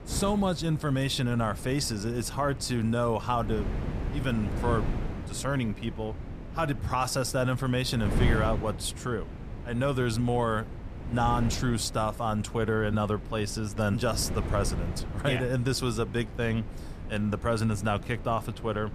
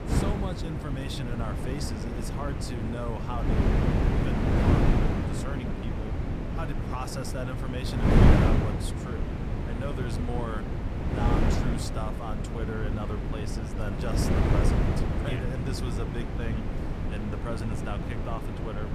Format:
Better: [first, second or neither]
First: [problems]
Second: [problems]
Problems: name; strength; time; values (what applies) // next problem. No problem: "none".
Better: first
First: wind noise on the microphone; occasional gusts; 15 dB below the speech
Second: wind noise on the microphone; heavy; 3 dB above the speech